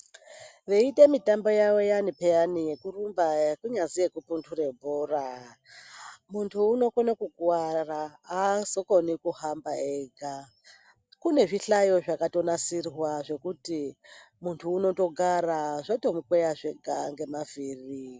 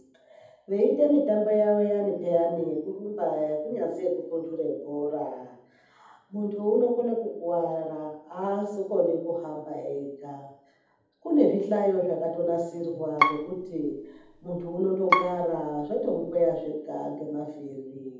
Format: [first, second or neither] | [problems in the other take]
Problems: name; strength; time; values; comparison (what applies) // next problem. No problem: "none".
first | background sound (Bowed string instrument); 3 dB below the speech // room echo; dies away in 0.8 s